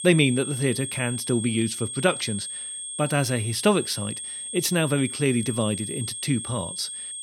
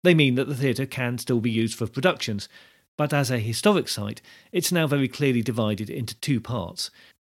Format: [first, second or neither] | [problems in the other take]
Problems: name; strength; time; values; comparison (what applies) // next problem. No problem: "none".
second | high-pitched whine; loud; throughout; 8.5 kHz, 6 dB below the speech